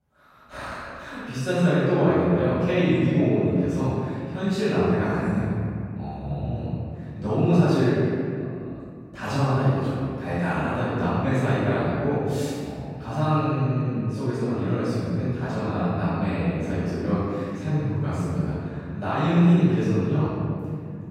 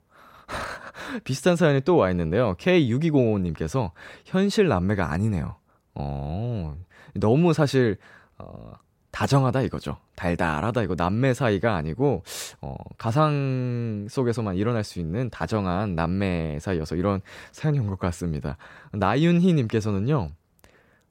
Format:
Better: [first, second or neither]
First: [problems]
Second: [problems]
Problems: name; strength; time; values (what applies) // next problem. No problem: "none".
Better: second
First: off-mic speech; far // room echo; strong; dies away in 2.3 s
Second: none